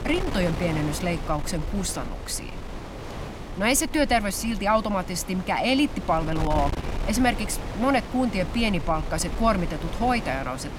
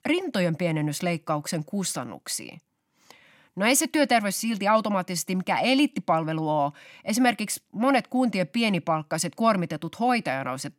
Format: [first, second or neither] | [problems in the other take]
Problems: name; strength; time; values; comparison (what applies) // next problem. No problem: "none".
second | wind noise on the microphone; occasional gusts; 10 dB below the speech